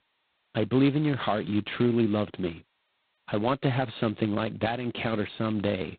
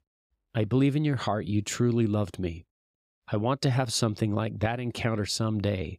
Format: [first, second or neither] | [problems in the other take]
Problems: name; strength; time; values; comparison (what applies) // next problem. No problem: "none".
second | phone-call audio; poor line; nothing above 4 kHz